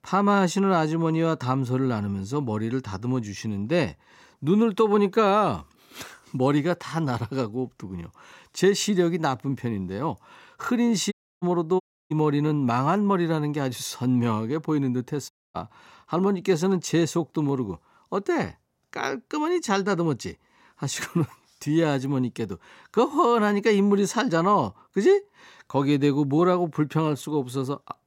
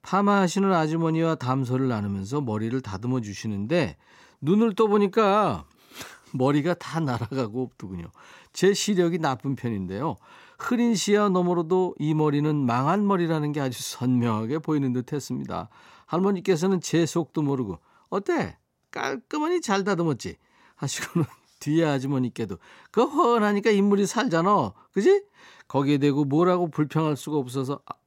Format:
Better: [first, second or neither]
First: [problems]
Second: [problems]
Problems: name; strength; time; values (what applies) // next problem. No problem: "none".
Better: second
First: audio cutting out; at 11 s, at 12 s and at 15 s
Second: none